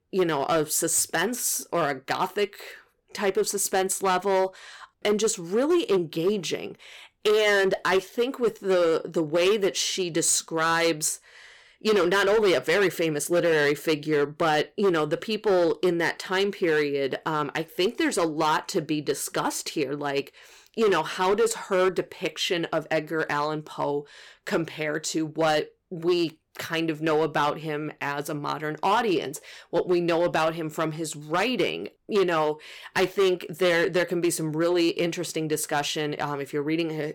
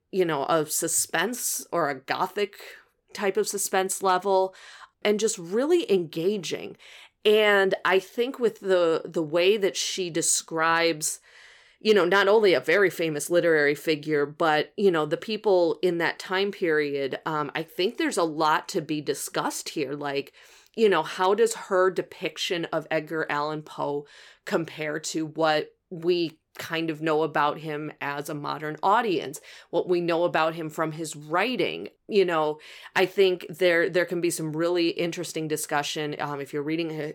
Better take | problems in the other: second | distortion; slight; 7% of the sound clipped

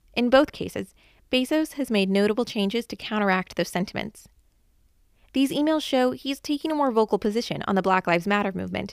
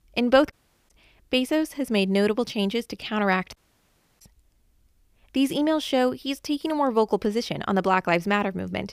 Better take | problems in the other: first | audio cutting out; at 0.5 s and at 3.5 s for 0.5 s

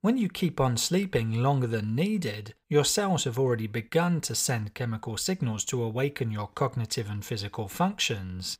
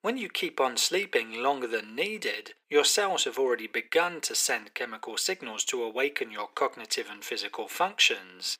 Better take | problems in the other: first | thin; very; fading below 300 Hz

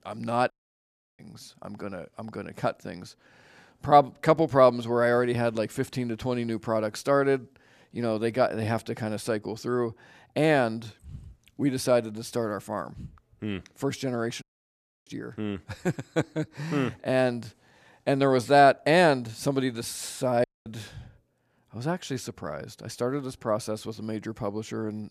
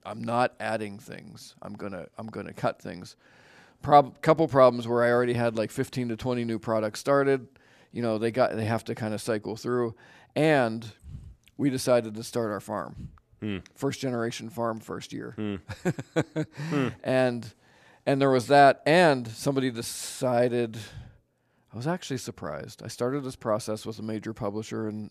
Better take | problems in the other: second | audio cutting out; at 0.5 s for 0.5 s, at 14 s for 0.5 s and at 20 s

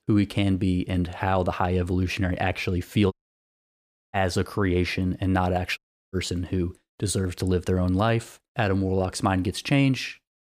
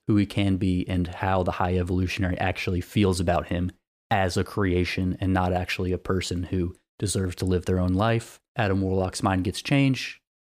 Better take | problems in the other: second | audio cutting out; at 3 s for 1 s and at 6 s

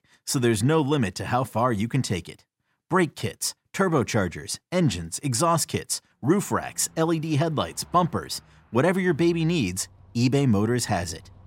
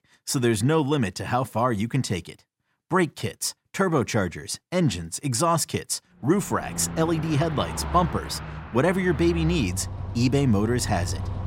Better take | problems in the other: first | traffic noise; loud; from 7 s on; 9 dB below the speech; faint in the first

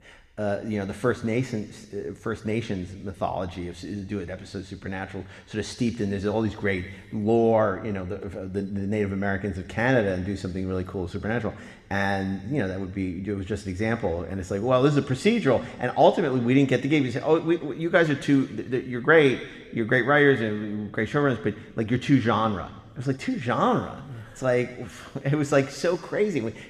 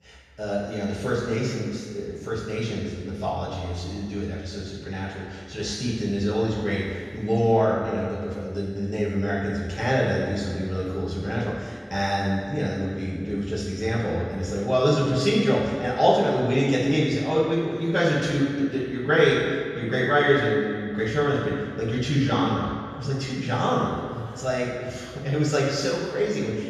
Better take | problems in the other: first | room echo; strong; dies away in 1.6 s; slight in the first // off-mic speech; far

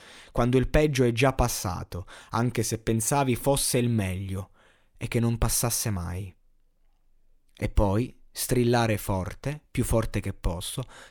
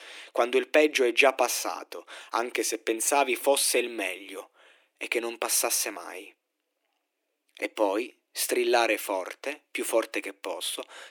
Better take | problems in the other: first | thin; very; fading below 300 Hz

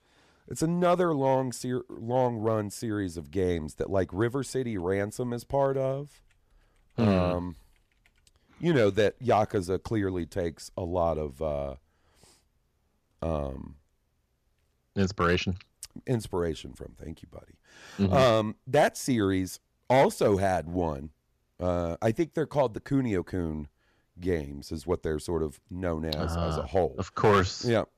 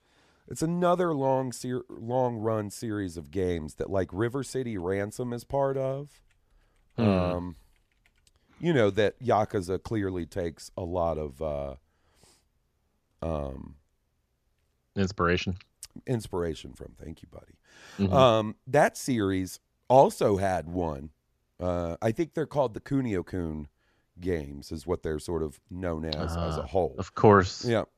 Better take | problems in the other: second | distortion; slight; 1.1% of the sound clipped

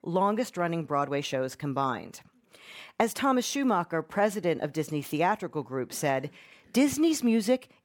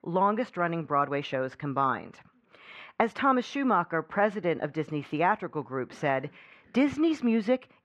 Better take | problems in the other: first | muffled; very; fading above 2.5 kHz

